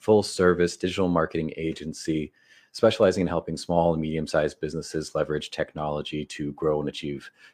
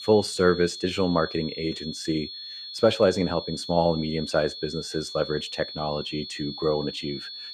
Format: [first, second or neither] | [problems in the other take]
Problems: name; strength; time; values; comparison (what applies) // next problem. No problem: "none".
first | high-pitched whine; loud; throughout; 4.5 kHz, 9 dB below the speech